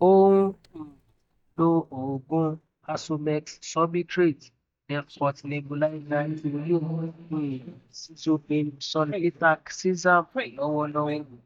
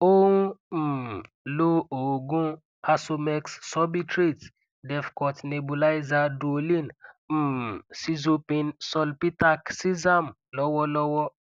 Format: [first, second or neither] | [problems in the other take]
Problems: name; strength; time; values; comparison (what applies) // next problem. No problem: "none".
second | noise reduction (neural mask model DeepFilterNet 3)